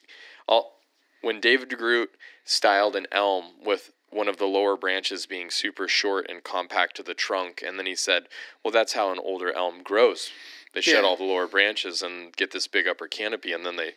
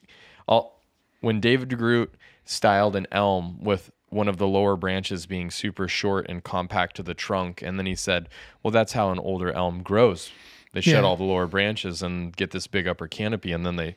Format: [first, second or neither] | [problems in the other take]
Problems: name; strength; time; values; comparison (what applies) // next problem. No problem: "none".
second | thin; somewhat; fading below 300 Hz